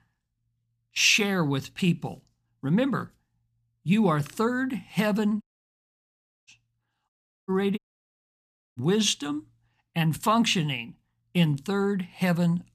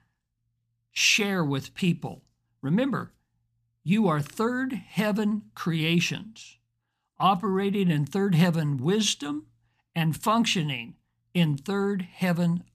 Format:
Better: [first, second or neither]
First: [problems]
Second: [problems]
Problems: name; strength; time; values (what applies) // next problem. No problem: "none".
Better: second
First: audio cutting out; at 5.5 s for 1 s, at 7 s and at 8 s for 1 s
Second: none